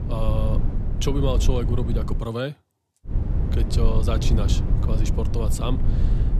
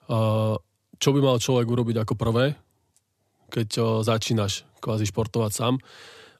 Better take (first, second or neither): second